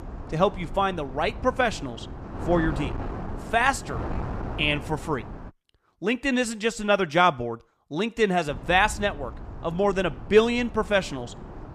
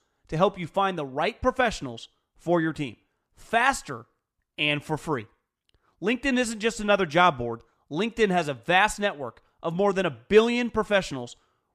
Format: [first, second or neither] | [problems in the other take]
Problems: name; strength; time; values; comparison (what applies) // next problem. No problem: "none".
second | wind noise on the microphone; occasional gusts; until 5.5 s and from 8.5 s on; 15 dB below the speech